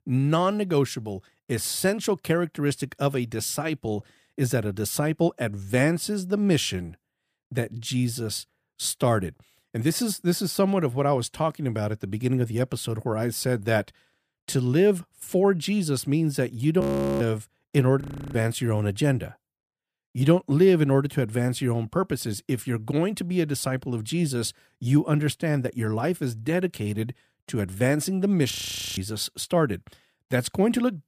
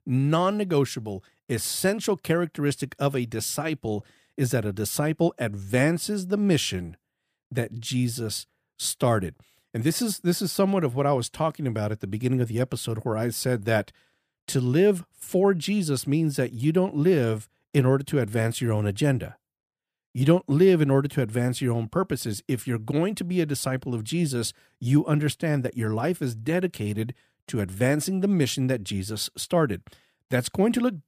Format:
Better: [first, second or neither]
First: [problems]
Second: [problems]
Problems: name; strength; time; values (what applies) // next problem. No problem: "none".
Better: second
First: audio freezing; at 17 s, at 18 s and at 29 s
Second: none